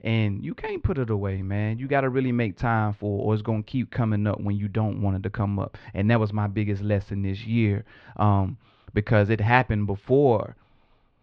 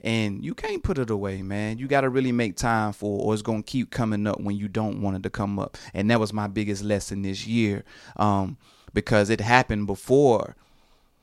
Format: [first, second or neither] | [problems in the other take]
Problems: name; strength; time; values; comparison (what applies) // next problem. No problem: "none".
second | muffled; slightly; fading above 3 kHz